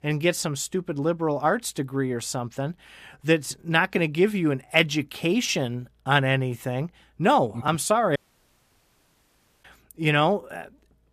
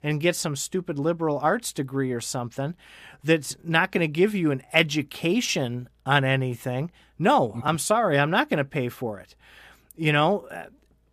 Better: second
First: audio cutting out; at 8 s for 1.5 s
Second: none

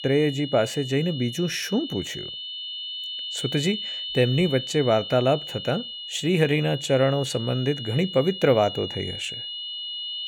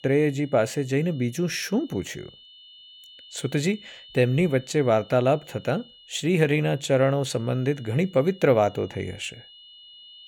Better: second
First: high-pitched whine; loud; throughout; 3 kHz, 8 dB below the speech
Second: high-pitched whine; faint; throughout; 3 kHz, 25 dB below the speech

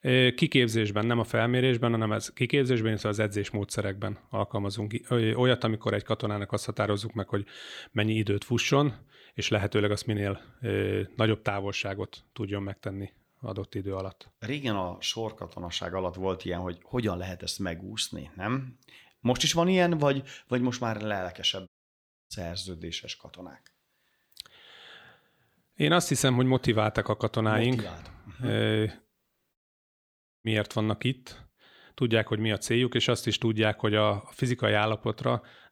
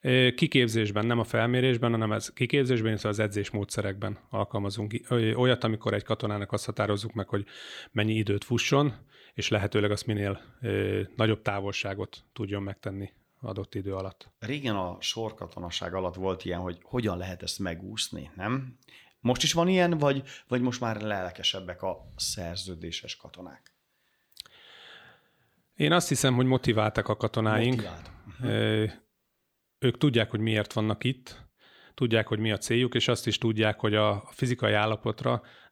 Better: second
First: audio cutting out; at 22 s for 0.5 s and at 30 s for 1 s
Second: none

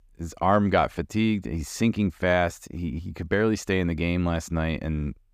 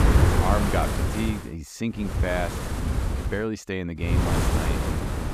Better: first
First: none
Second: wind noise on the microphone; heavy; until 1.5 s, from 2 to 3.5 s and from 4 s on; as loud as the speech

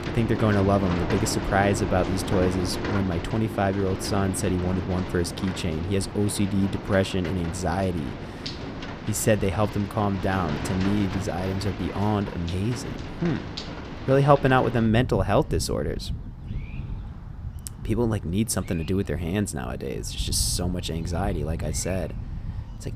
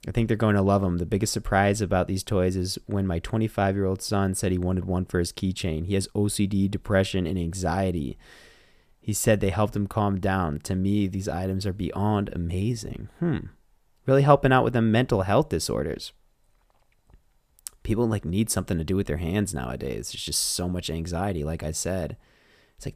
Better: second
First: rain or running water; loud; throughout; 8 dB below the speech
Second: none

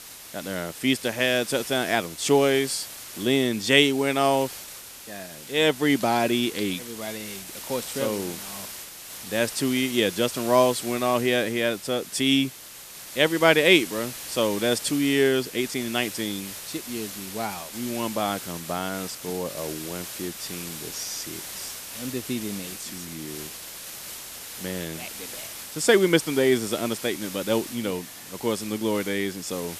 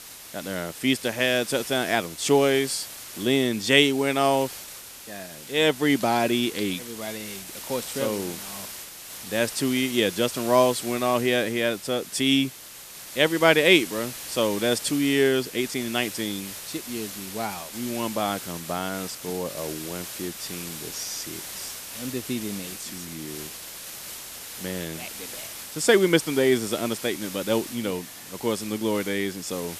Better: neither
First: hiss; noticeable; throughout; 10 dB below the speech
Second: hiss; noticeable; throughout; 10 dB below the speech

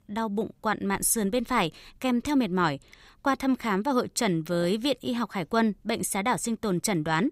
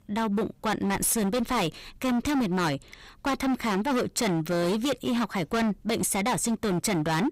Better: first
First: none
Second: distortion; heavy; 24% of the sound clipped

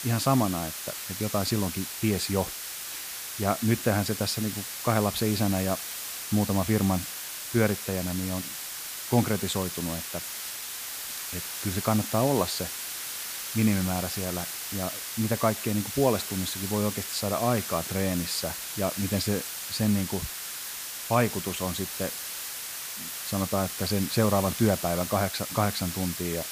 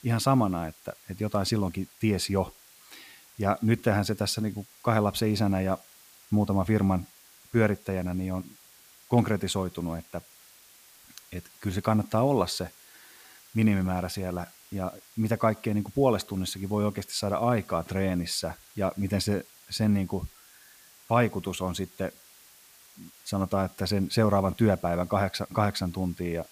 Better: second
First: hiss; loud; throughout; 5 dB below the speech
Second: hiss; faint; throughout; 25 dB below the speech

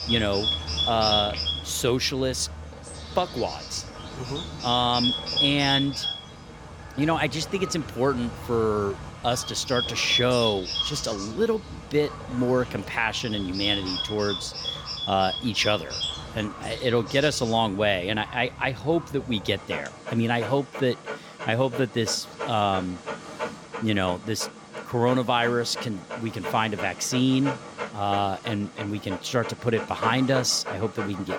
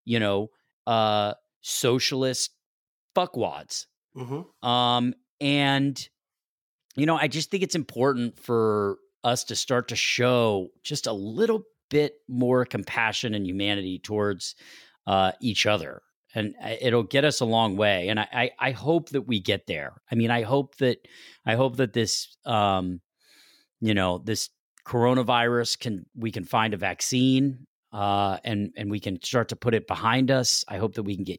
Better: second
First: animal sounds; loud; throughout; 5 dB below the speech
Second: none

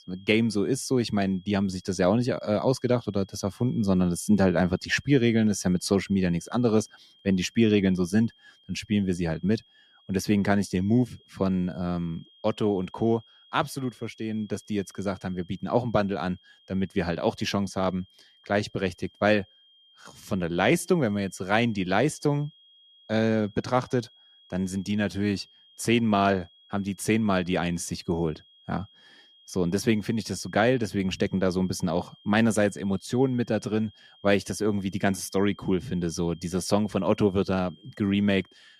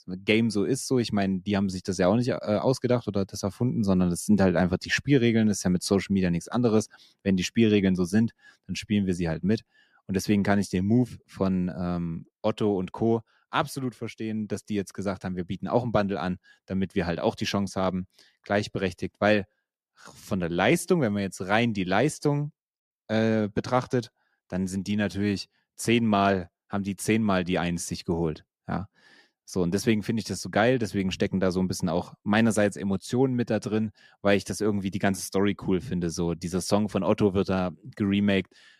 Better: second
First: high-pitched whine; faint; throughout; 3 kHz, 30 dB below the speech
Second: none

